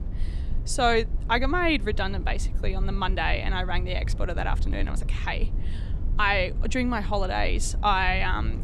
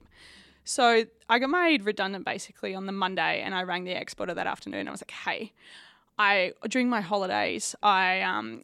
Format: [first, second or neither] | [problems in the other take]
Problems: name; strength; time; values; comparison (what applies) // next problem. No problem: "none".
second | low rumble; faint; throughout; 20 dB below the speech